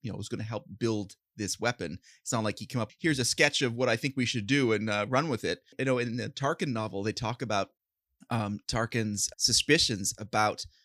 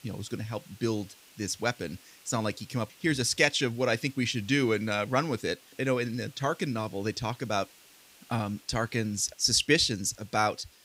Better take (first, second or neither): first